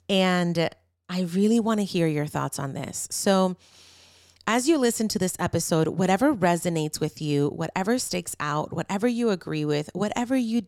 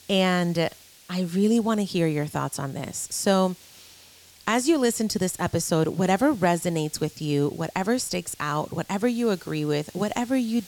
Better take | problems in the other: first | hiss; faint; throughout; 25 dB below the speech

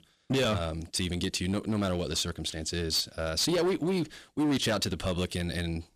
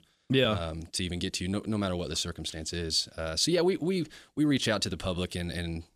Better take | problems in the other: second | distortion; slight; 10% of the sound clipped

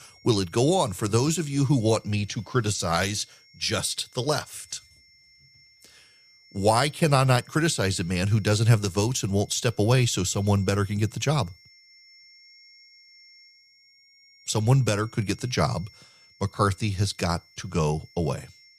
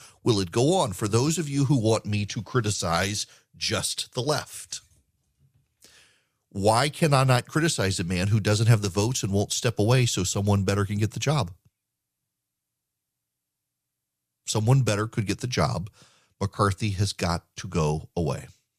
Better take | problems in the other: second | high-pitched whine; faint; throughout; 5.5 kHz, 30 dB below the speech

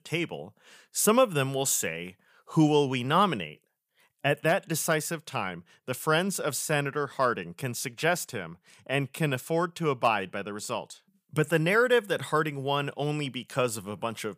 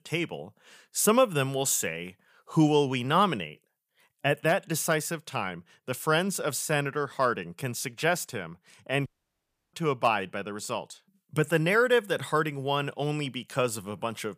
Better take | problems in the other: first | audio cutting out; at 9 s for 0.5 s

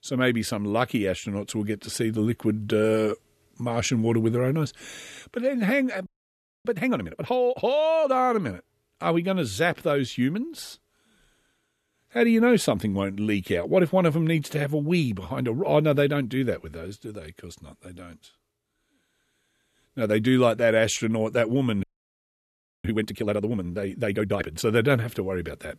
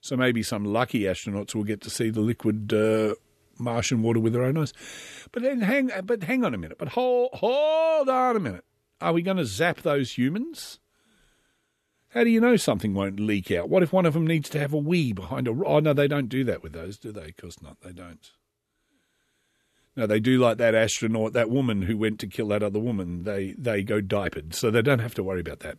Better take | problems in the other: second | audio freezing; at 6 s for 0.5 s and at 22 s for 1 s

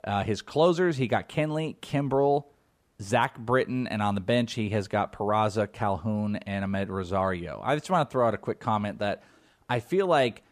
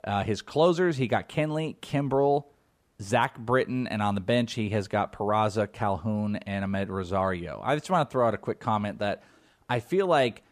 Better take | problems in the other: neither | none

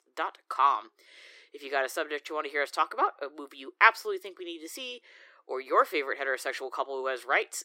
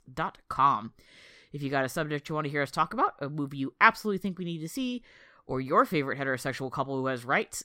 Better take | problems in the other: second | thin; very; fading below 350 Hz

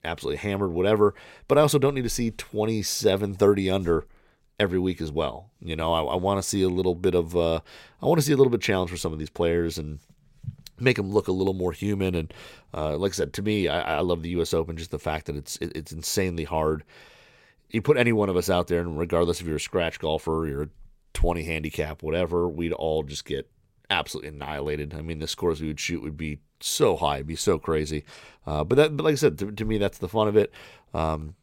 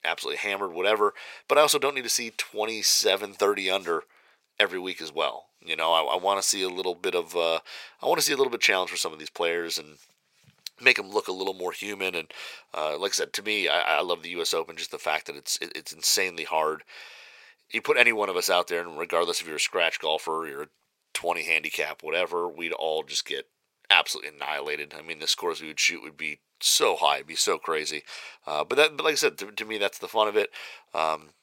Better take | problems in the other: first | thin; very; fading below 700 Hz

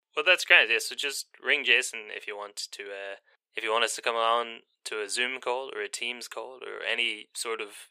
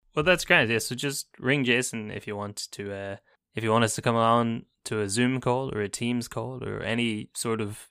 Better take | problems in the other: second | thin; very; fading below 450 Hz

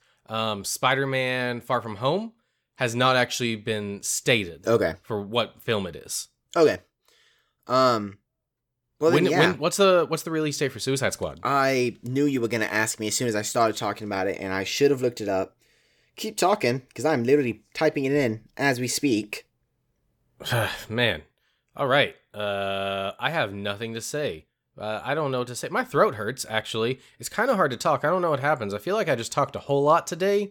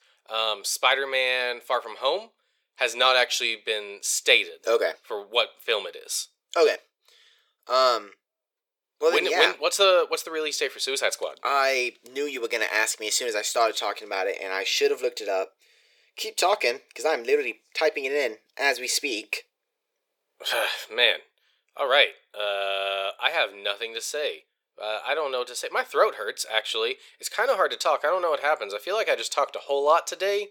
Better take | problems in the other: first | thin; very; fading below 450 Hz

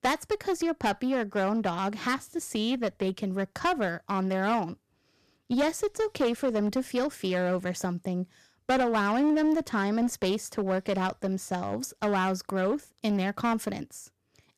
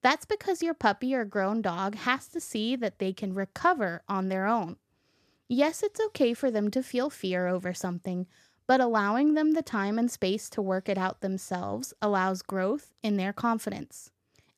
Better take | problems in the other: second | distortion; slight; 8% of the sound clipped

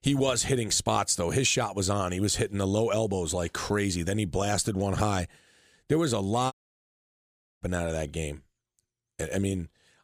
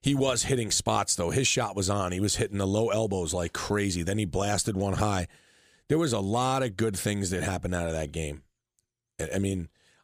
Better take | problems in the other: second | audio cutting out; at 6.5 s for 1 s

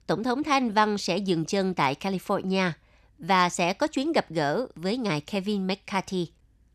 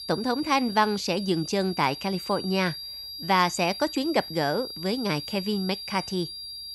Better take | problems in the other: first | high-pitched whine; loud; throughout; 4.5 kHz, 9 dB below the speech

